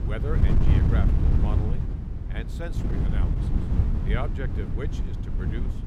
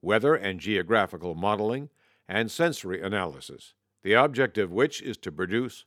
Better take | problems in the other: second | wind noise on the microphone; heavy; as loud as the speech

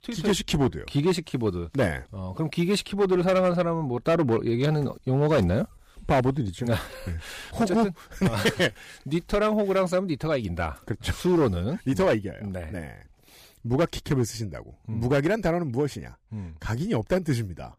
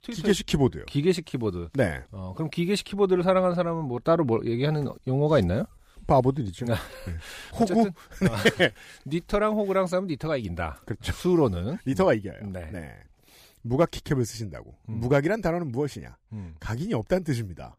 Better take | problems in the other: second | distortion; slight; 6% of the sound clipped

